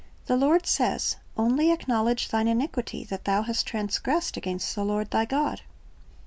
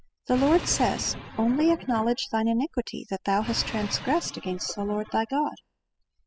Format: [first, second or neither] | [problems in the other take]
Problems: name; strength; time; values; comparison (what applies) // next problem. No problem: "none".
first | noise reduction (classical method spectral subtraction)